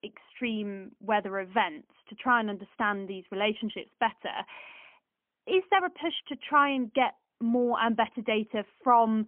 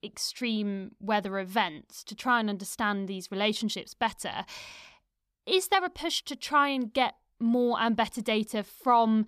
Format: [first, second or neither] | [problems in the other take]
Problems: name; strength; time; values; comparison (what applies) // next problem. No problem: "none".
second | phone-call audio; poor line; nothing above 3.5 kHz